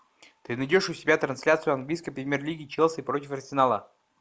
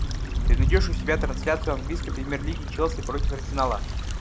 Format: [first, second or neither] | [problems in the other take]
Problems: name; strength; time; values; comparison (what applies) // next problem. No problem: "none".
first | background sound (Stream / Trickle, dribble / Traffic noise, roadway noise); 4 dB above the speech